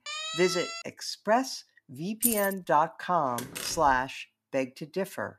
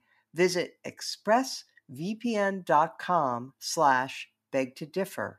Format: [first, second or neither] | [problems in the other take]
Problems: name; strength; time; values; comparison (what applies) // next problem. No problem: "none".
second | siren; noticeable; at the start; peak 4 dB below the speech // jangling keys; loud; at 2 s; peak 2 dB above the speech // door banging; noticeable; at 3.5 s; peak 7 dB below the speech